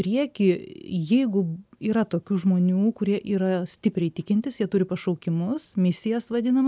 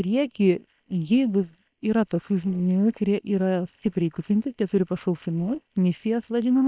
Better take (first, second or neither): first